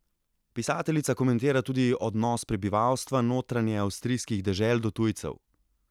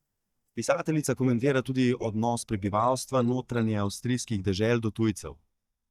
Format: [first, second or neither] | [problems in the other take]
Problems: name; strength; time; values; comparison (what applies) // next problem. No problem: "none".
first | noise reduction (neural mask model DeepFilterNet 3)